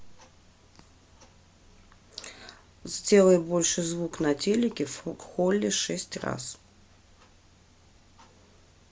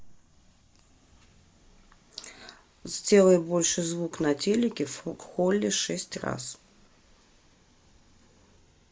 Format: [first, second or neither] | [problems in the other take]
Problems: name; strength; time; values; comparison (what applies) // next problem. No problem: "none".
first | noise reduction (neural mask model Resemble Enhance denoiser)